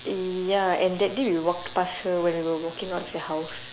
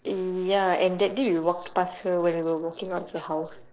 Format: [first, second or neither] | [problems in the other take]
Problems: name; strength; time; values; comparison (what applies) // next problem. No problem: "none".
first | noise reduction (neural separator model SepFormer DNS4)